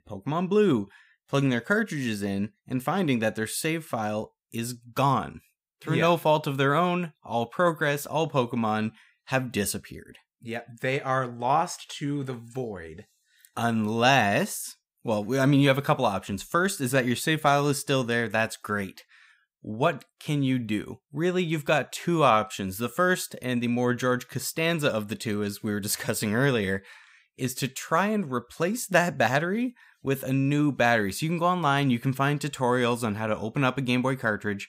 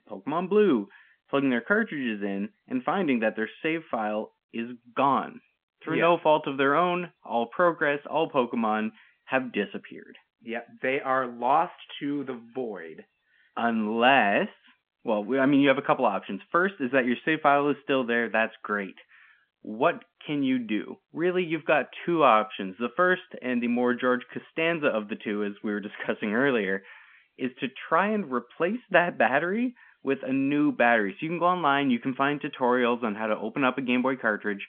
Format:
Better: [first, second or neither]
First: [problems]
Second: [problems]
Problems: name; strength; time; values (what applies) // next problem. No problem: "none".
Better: first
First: none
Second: phone-call audio; nothing above 3.5 kHz